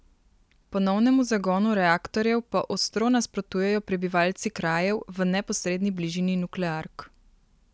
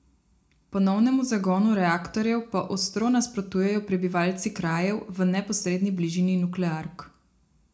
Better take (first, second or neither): first